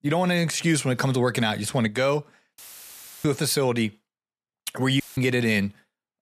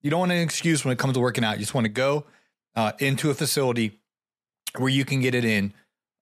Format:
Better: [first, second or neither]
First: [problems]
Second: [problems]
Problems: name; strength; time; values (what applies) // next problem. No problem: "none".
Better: second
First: audio cutting out; filled with static; at 2.5 s for 0.5 s and at 5 s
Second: none